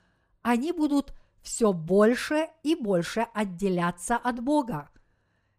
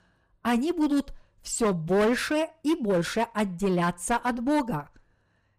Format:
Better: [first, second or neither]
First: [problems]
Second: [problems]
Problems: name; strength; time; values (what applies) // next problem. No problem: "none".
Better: first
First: none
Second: distortion; slight; 9% of the sound clipped